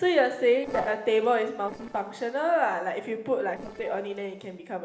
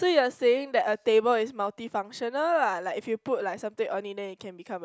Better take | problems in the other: second | noise reduction (neural separator model SepFormer DNS4)

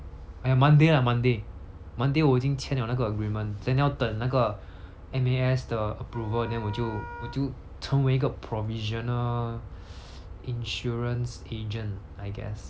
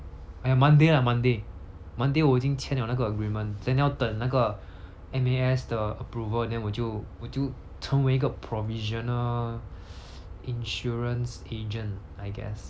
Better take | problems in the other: second | background sound (Wind instrument, woodwind instrument); 15 dB below the speech

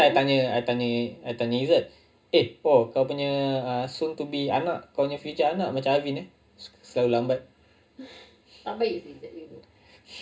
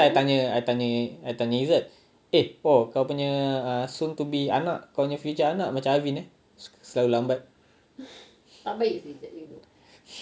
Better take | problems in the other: second | room echo; dies away in 0.2 s

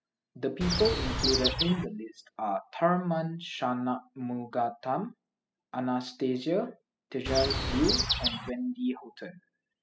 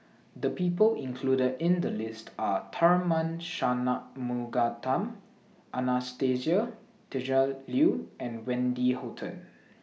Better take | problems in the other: second | noise reduction (classical method spectral subtraction)

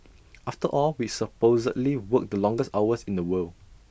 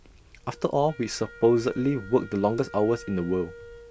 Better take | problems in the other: first | background sound (Wind instrument, woodwind instrument); 20 dB below the speech

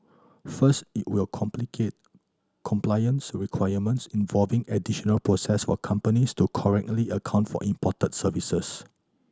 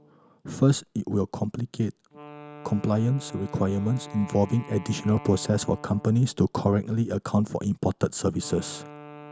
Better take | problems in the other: first | background sound (Wind instrument, woodwind instrument); 19 dB below the speech

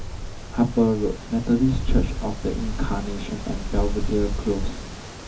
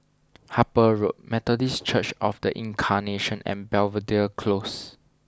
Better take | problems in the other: second | background sound (Wind); 2 dB below the speech // room echo; dies away in 0.3 s

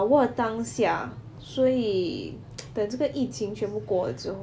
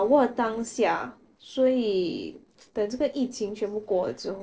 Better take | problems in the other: first | noise reduction (neural separator model SepFormer DNS4)

